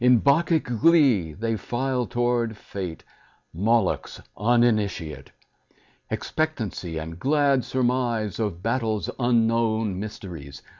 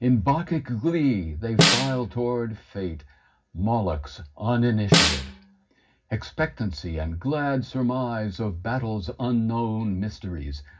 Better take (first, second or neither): first